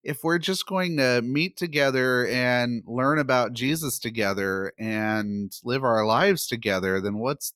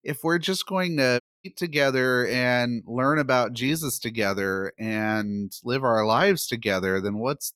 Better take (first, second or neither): first